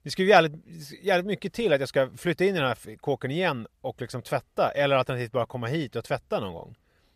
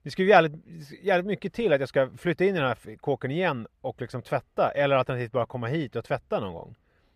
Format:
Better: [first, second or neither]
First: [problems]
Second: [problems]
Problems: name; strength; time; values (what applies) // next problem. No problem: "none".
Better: first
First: none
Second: muffled; very slightly; fading above 3.5 kHz